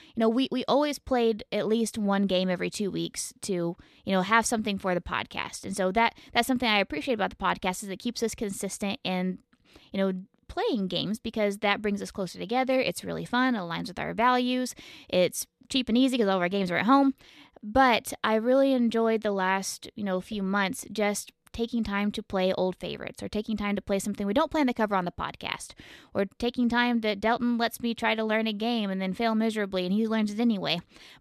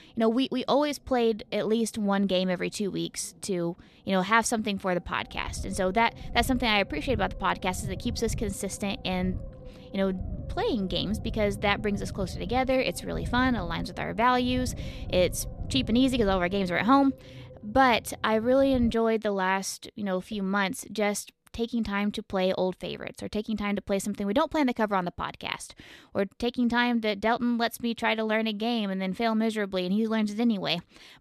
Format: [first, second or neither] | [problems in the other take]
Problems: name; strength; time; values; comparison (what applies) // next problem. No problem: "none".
first | low rumble; faint; until 19 s; 20 dB below the speech